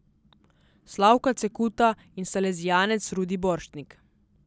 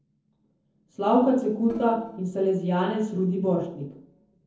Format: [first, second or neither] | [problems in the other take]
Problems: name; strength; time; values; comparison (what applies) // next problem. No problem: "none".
first | noise reduction (neural separator model SepFormer DNS4)